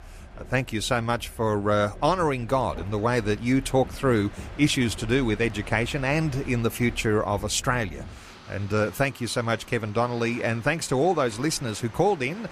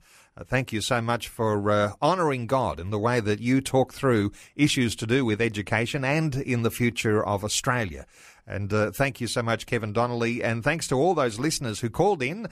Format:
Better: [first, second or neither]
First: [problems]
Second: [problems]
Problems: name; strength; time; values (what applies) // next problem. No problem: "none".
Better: second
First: train or aircraft noise; noticeable; throughout; 20 dB below the speech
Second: none